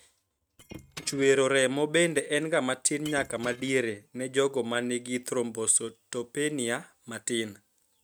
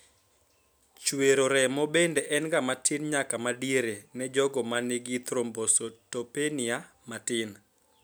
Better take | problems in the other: second | noise reduction (neural mask model RNNoise)

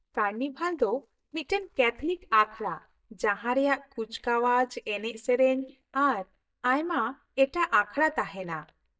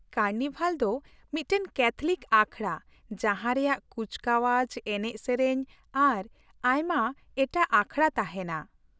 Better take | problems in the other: second | noise reduction (neural mask model DeepFilterNet 3)

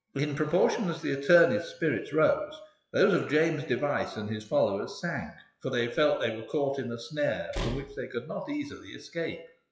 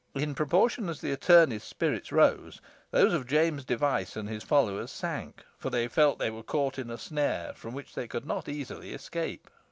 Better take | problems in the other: second | noise reduction (classical method WPE with log-MMSE)

